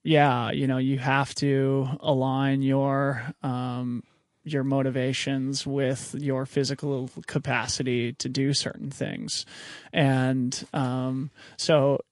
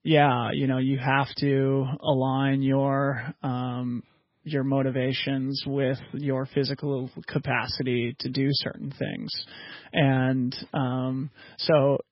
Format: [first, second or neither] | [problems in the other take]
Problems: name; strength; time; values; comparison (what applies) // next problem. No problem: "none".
first | garbled, watery; badly; nothing above 5.5 kHz; slightly in the first